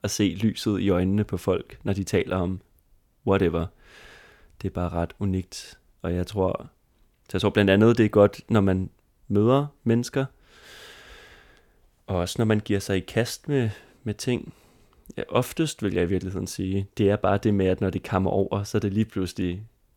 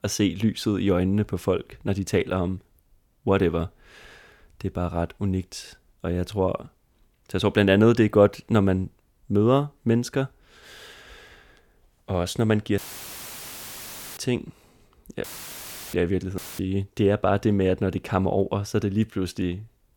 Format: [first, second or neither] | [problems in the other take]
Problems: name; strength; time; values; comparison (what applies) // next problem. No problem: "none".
first | audio cutting out; filled with static; at 13 s for 1.5 s, at 15 s for 0.5 s and at 16 s